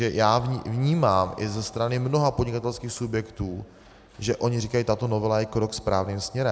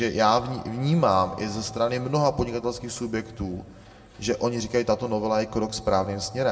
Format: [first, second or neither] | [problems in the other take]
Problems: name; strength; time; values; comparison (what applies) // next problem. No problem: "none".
first | room echo; dies away in 1.3 s